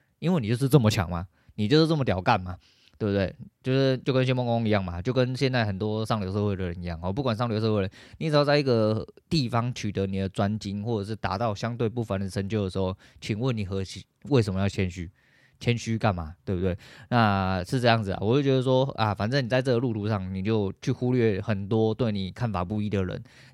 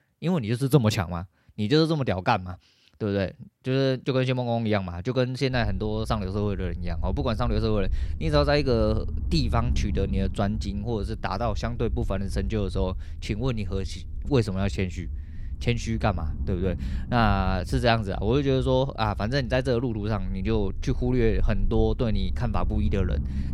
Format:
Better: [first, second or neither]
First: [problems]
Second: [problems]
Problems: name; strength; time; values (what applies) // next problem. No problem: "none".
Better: first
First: none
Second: low rumble; faint; from 5.5 s on; 20 dB below the speech